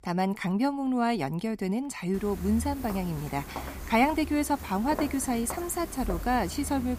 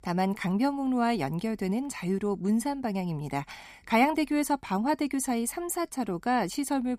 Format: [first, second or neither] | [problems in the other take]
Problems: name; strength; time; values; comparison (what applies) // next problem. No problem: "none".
second | footsteps; noticeable; from 2 s on; peak 7 dB below the speech